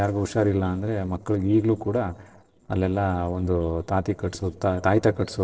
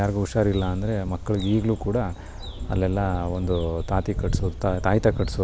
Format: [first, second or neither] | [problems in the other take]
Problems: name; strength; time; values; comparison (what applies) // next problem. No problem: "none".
second | noise reduction (neural separator model SepFormer DNS4)